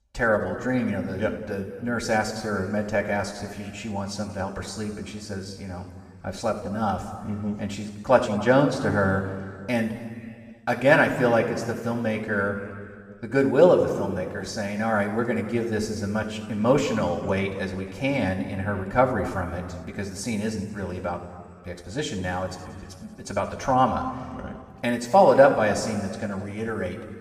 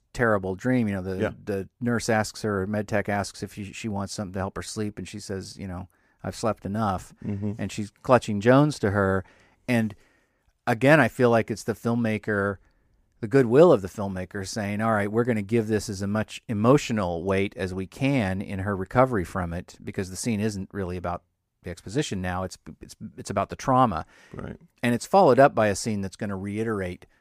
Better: second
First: room echo; noticeable; dies away in 1.7 s // off-mic speech; somewhat distant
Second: none

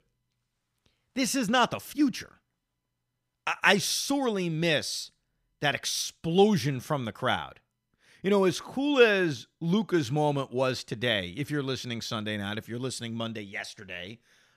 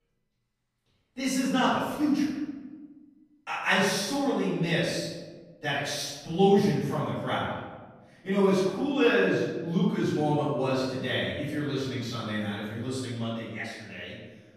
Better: first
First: none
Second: off-mic speech; far // room echo; strong; dies away in 1.2 s

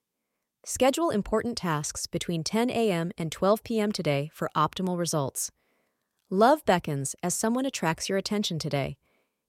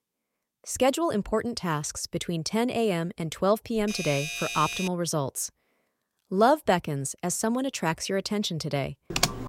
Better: first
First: none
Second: doorbell; noticeable; from 4 to 5 s; peak 4 dB below the speech // keyboard typing; loud; at 9 s; peak 1 dB above the speech

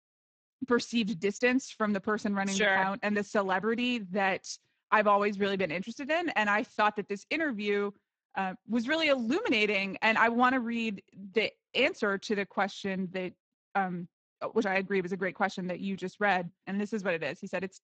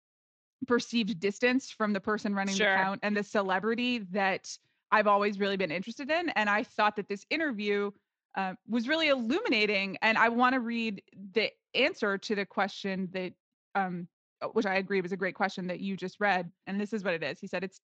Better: second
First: garbled, watery; badly; nothing above 7.5 kHz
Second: garbled, watery; slightly

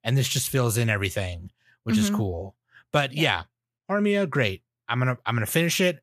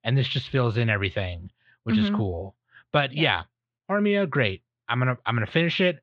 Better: first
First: none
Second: muffled; slightly; fading above 4 kHz

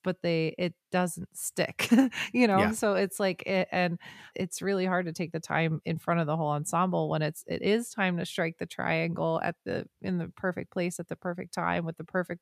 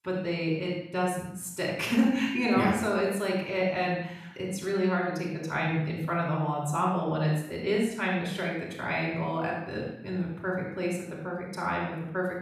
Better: first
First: none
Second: off-mic speech; far // room echo; noticeable; dies away in 0.7 s

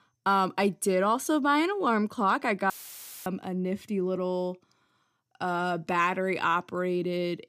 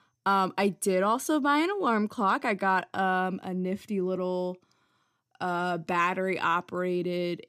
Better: second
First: audio cutting out; filled with static; at 2.5 s for 0.5 s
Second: none

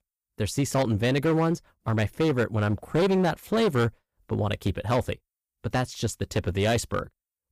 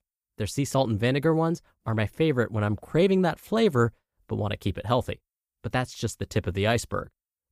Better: second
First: distortion; slight; 8% of the sound clipped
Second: none

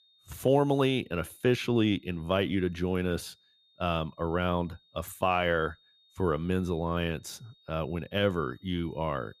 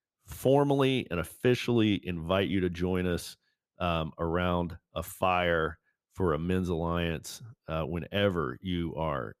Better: second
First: high-pitched whine; faint; throughout; 3.5 kHz, 35 dB below the speech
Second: none

